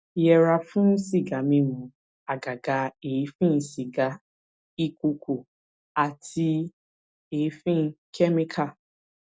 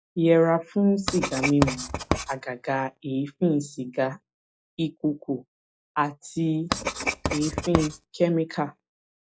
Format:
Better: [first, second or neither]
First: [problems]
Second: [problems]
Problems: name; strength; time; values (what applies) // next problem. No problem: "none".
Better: first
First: none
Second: noise reduction (classical method log-MMSE)